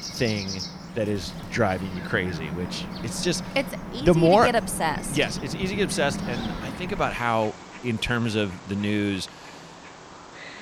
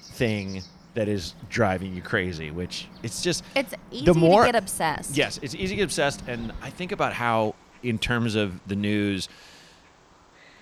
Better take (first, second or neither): second